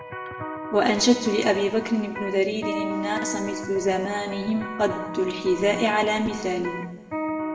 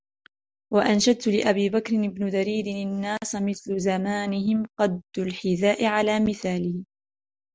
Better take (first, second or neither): second